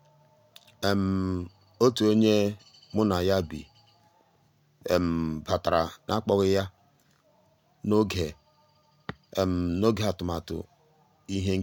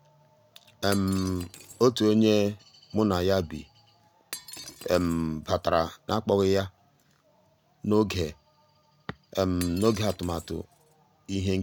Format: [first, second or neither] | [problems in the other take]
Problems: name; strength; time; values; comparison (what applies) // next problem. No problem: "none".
first | background sound (Shatter); 18 dB below the speech